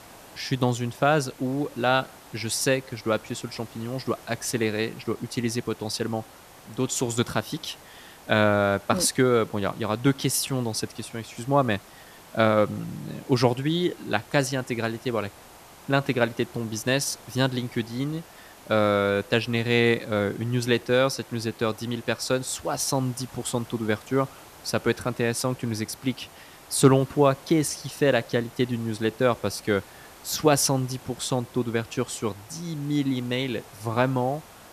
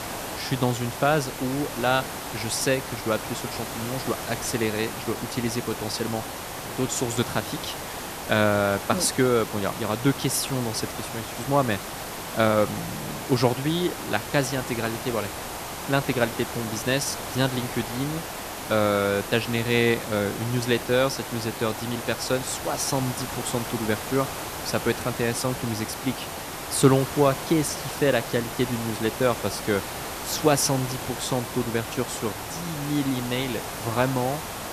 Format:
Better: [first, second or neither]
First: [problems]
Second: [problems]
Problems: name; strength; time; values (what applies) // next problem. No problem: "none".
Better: first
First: hiss; faint; throughout; 20 dB below the speech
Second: hiss; loud; throughout; 7 dB below the speech